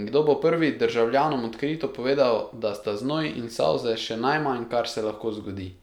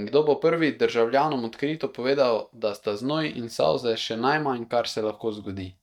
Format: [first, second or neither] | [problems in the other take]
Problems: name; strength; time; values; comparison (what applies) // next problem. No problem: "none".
first | noise reduction (neural mask model DeepFilterNet 3)